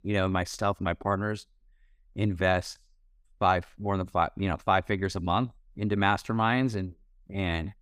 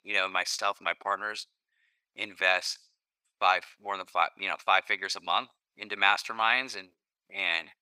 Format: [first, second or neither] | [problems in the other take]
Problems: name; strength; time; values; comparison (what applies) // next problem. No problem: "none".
first | thin; very; fading below 900 Hz